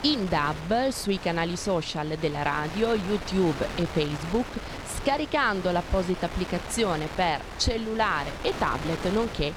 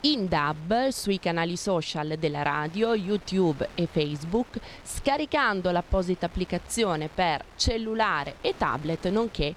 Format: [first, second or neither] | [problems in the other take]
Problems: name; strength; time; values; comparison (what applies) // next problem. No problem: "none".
second | wind noise on the microphone; heavy; 10 dB below the speech; occasional gusts in the second